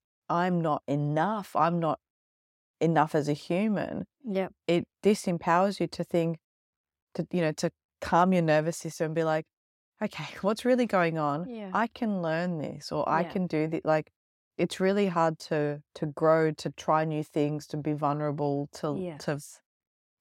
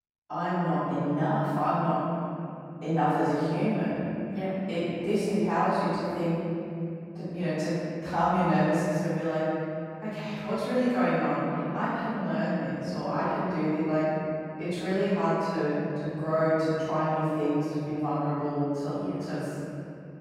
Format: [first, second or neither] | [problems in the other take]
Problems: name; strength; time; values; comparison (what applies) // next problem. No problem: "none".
first | room echo; strong; dies away in 2.8 s // off-mic speech; far